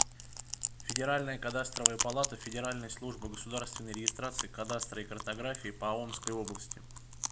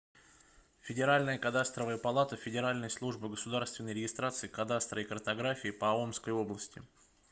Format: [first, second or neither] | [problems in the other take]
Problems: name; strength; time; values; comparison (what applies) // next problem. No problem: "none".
second | background sound (Chewing, mastication); as loud as the speech